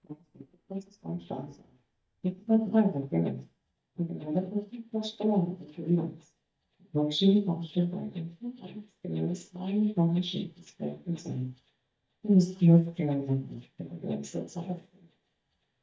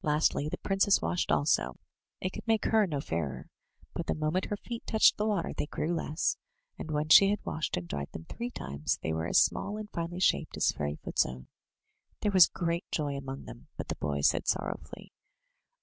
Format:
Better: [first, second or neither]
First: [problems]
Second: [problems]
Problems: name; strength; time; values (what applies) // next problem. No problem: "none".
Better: second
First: noise reduction (neural mask model DeepFilterNet 3)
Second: none